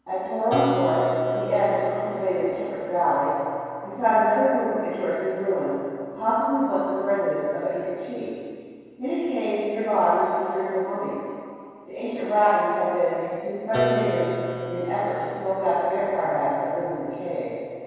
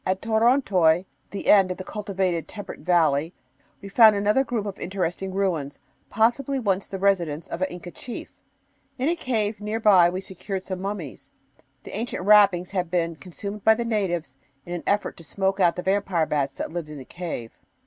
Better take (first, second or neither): second